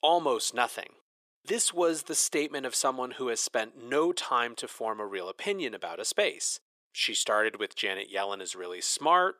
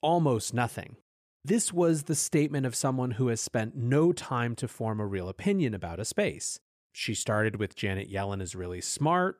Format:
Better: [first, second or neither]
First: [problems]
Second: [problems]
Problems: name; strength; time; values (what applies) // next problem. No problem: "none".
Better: second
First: thin; very; fading below 400 Hz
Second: none